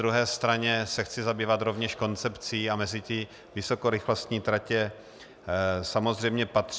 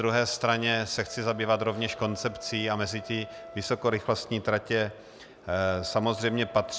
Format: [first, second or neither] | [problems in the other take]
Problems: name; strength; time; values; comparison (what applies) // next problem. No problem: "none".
first | background sound (Wind instrument, woodwind instrument); 17 dB below the speech